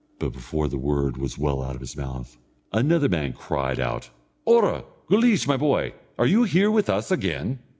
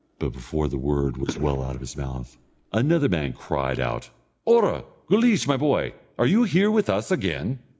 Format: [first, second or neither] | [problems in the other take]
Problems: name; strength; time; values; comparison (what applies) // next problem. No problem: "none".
first | noise reduction (neural mask model Resemble Enhance denoiser)